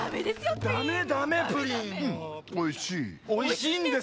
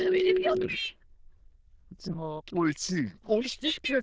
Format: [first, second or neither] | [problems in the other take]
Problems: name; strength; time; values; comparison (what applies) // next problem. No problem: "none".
first | noise reduction (neural diffusion model UNIVERSE++)